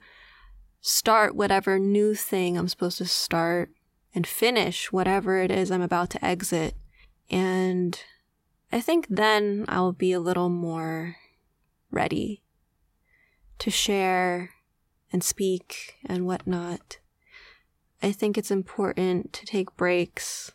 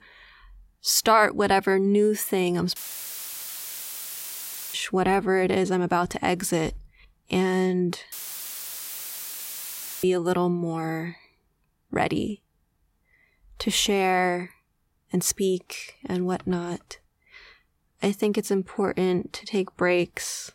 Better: first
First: none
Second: audio cutting out; filled with static; at 3 s for 2 s and at 8 s for 2 s

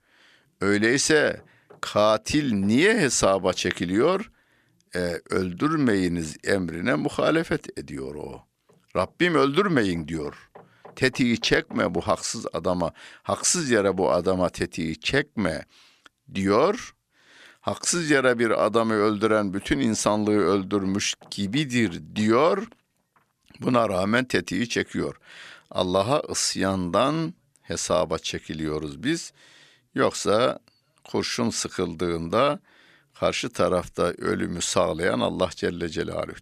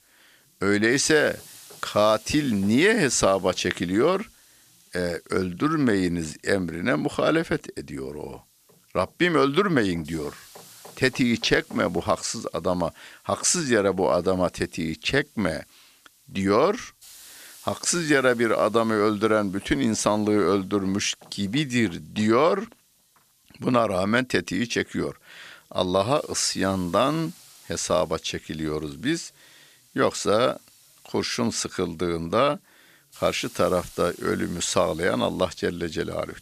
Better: first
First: none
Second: hiss; faint; throughout; 25 dB below the speech

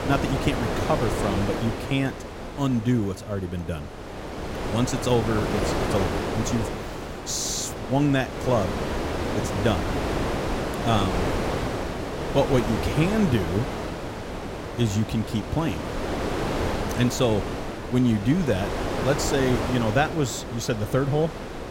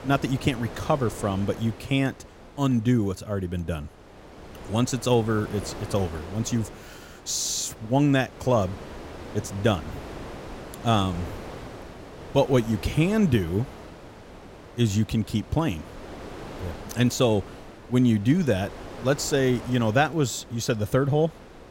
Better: second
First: wind noise on the microphone; heavy; 2 dB below the speech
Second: wind noise on the microphone; occasional gusts; 15 dB below the speech

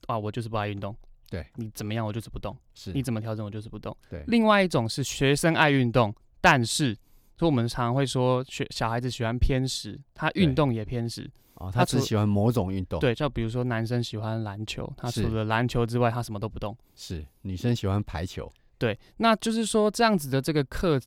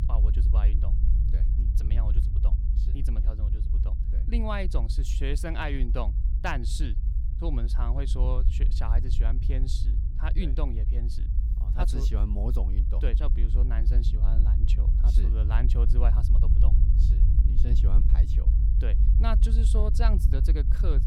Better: first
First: none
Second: low rumble; loud; throughout; 7 dB below the speech

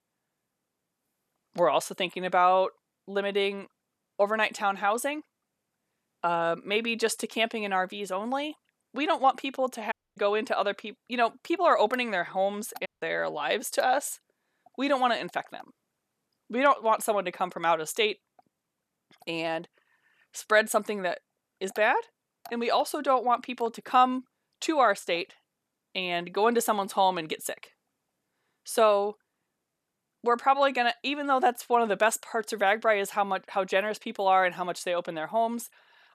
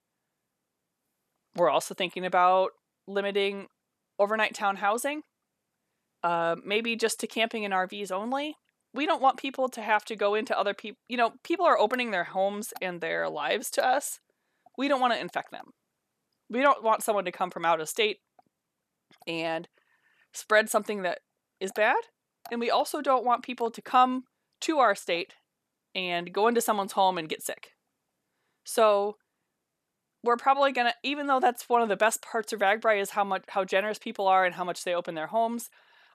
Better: second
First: audio cutting out; at 10 s and at 13 s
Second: none

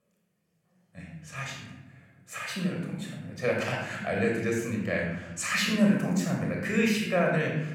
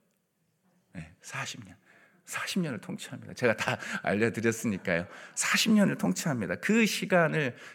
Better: second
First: off-mic speech; somewhat distant // room echo; noticeable; dies away in 1 s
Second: none

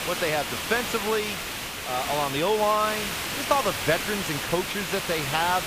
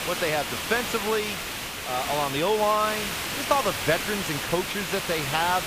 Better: neither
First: hiss; loud; throughout; 2 dB below the speech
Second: hiss; loud; throughout; 2 dB below the speech

